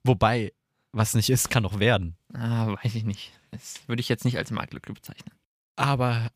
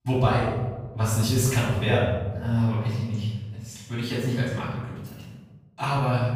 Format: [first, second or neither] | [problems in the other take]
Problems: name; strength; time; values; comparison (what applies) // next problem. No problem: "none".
first | room echo; strong; dies away in 1.2 s // off-mic speech; far